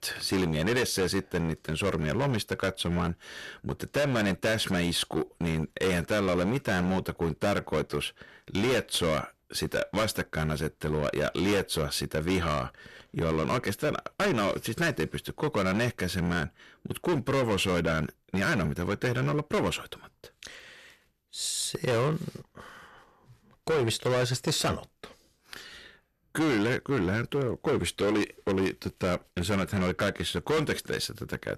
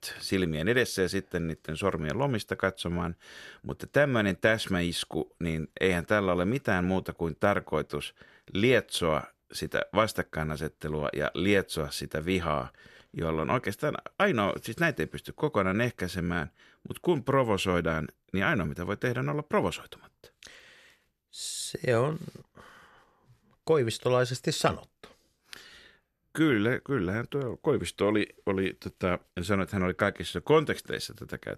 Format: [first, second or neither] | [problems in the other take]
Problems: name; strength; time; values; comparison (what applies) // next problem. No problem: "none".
second | distortion; heavy; 14% of the sound clipped